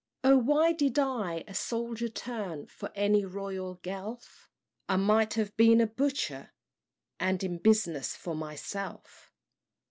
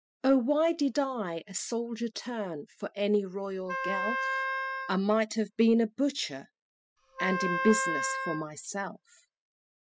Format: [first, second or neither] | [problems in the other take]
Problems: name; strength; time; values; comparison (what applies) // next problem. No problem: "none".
first | noise reduction (classical method spectral subtraction)